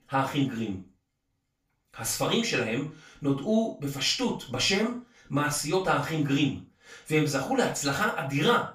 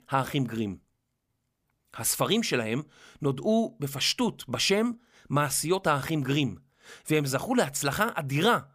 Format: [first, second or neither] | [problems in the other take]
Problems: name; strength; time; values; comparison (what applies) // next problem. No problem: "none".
second | room echo; slight; dies away in 0.3 s // off-mic speech; far